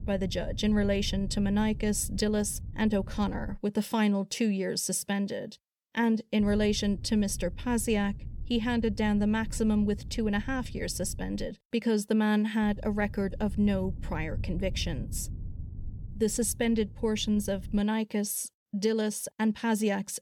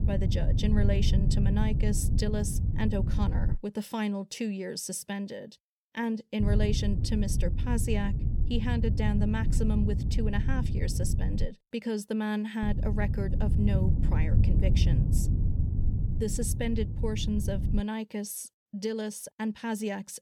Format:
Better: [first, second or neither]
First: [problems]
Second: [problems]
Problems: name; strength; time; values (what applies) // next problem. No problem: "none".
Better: first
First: low rumble; faint; until 3.5 s, from 6.5 to 11 s and from 13 to 18 s; 25 dB below the speech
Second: low rumble; loud; until 3.5 s, from 6.5 to 11 s and from 13 to 18 s; 6 dB below the speech